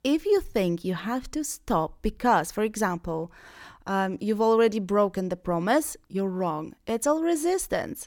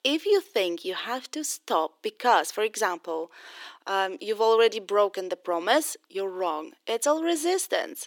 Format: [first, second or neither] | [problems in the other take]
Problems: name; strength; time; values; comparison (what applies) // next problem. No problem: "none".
first | thin; somewhat; fading below 350 Hz